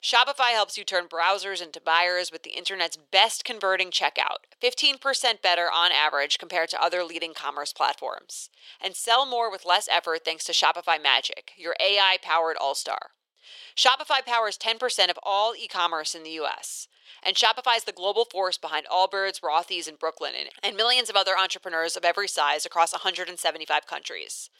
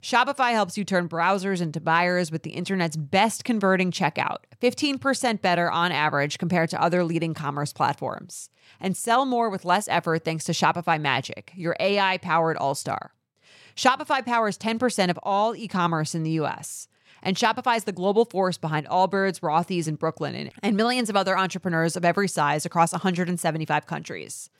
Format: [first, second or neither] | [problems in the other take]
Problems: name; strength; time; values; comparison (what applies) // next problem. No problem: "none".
second | thin; very; fading below 450 Hz